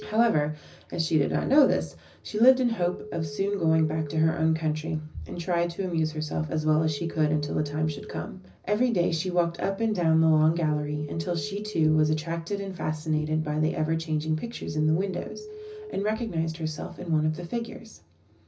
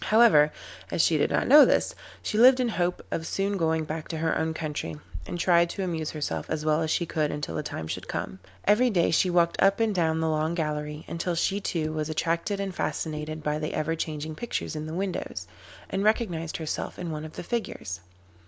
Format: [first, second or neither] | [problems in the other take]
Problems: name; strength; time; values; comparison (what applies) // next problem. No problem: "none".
second | background sound (Telephone); 17 dB below the speech // room echo; dies away in 0.4 s